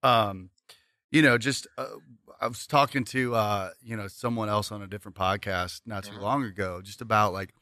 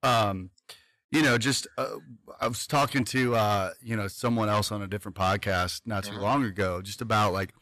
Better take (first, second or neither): first